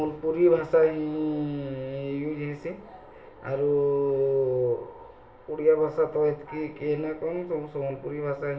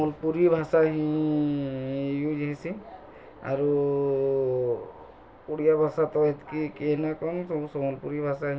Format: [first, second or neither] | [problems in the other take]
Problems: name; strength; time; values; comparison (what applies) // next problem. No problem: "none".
second | room echo; dies away in 0.9 s